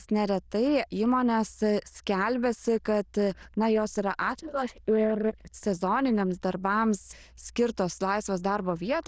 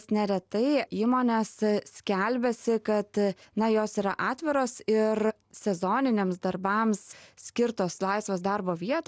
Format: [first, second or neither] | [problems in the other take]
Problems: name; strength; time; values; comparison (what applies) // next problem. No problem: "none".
second | noise reduction (neural diffusion model UNIVERSE++)